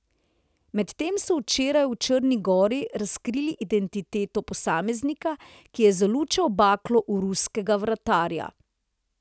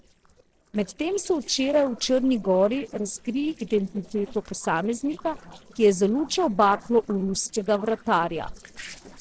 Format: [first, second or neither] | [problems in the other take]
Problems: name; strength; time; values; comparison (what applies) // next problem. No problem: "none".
first | noise reduction (neural separator model SepFormer DNS4)